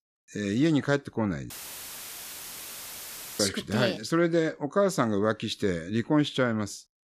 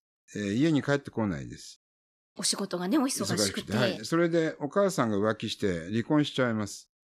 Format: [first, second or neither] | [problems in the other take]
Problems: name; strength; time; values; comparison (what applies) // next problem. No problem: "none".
second | audio cutting out; filled with static; at 1.5 s for 2 s